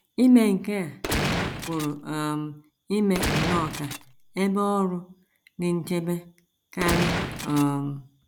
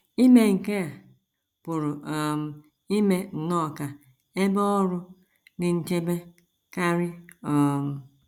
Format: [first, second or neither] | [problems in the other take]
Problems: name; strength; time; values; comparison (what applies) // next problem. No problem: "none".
second | background sound (Gunshot, gunfire); 3 dB below the speech